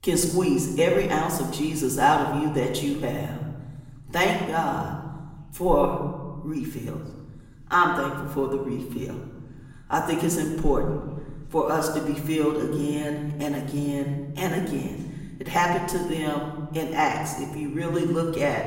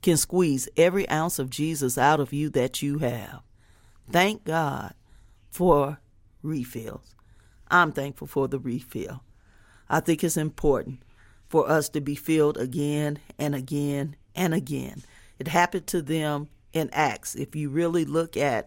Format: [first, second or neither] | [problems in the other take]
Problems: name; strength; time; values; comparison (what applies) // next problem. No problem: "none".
second | room echo; noticeable; dies away in 1.3 s // off-mic speech; far